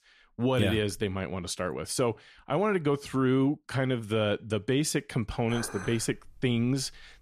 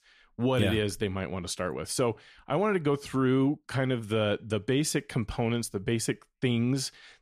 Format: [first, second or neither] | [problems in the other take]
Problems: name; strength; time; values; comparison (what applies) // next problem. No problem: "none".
second | clattering dishes; faint; from 5.5 s on; peak 10 dB below the speech